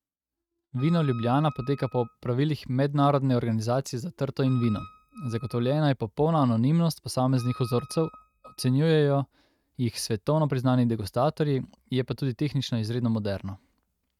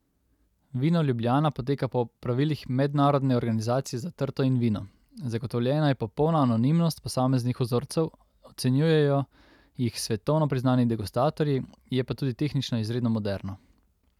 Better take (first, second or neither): second